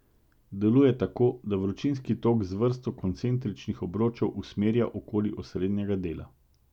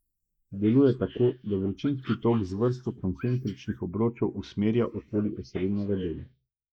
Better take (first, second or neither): first